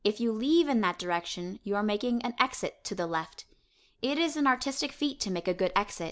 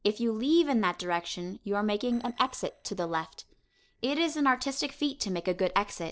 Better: first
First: none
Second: noise reduction (neural separator model SepFormer DNS4)

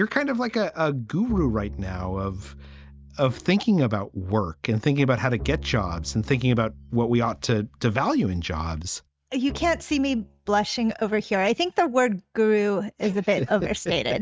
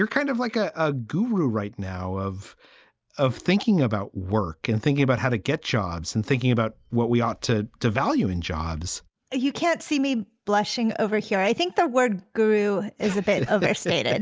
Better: second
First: noise reduction (neural mask model RNNoise)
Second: none

